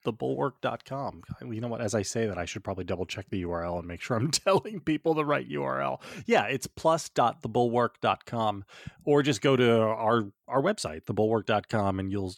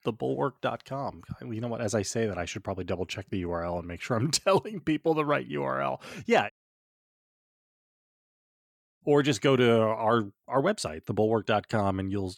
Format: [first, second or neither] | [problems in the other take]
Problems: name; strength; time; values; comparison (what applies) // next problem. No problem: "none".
first | audio cutting out; at 6.5 s for 2.5 s